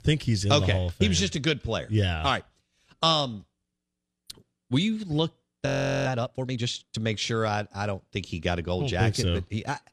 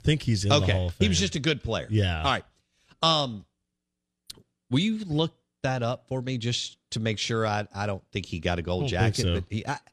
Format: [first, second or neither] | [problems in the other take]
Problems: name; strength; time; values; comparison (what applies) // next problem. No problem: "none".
second | audio freezing; at 5.5 s